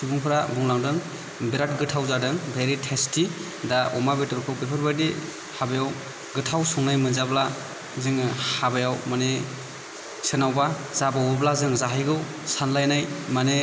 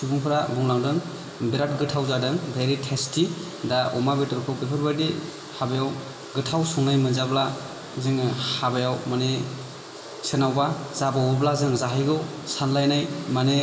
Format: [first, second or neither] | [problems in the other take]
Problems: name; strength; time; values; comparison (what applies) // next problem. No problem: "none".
first | room echo; dies away in 2.5 s